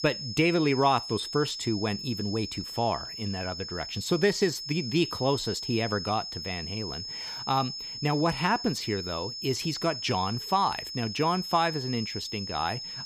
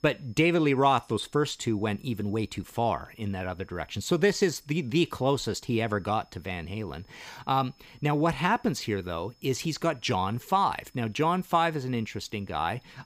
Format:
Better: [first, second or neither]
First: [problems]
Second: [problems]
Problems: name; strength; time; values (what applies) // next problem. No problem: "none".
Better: second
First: high-pitched whine; loud; throughout; 5 kHz, 6 dB below the speech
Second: high-pitched whine; faint; throughout; 5 kHz, 35 dB below the speech